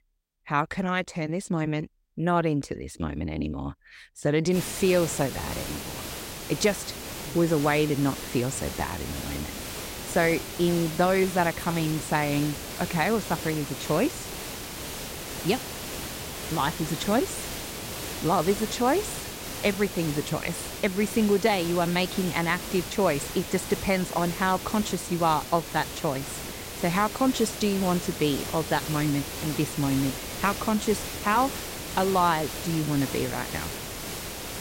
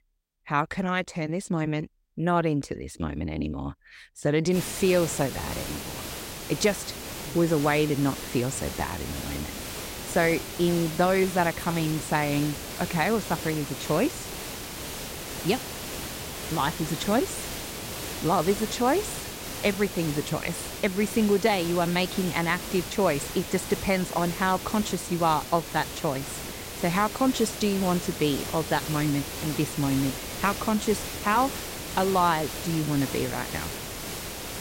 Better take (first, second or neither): neither